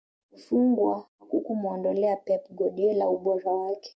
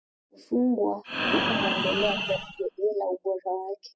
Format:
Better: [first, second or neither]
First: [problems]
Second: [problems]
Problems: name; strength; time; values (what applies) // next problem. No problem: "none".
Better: first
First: none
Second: noise reduction (classical method spectral subtraction)